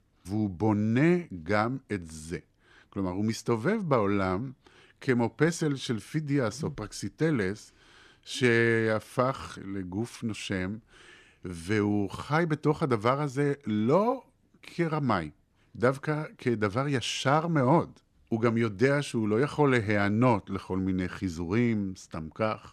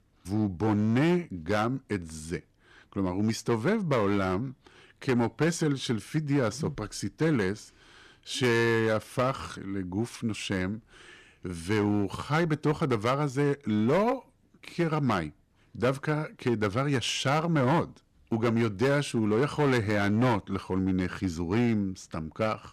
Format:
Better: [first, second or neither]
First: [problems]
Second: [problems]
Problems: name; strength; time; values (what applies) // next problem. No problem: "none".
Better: first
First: none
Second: distortion; slight; 7% of the sound clipped